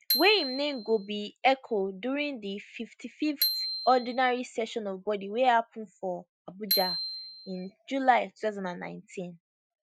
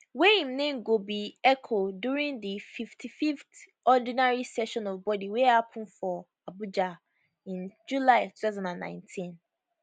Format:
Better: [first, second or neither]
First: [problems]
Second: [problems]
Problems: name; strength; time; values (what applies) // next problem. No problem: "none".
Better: second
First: noise reduction (classical method Wiener filter)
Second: none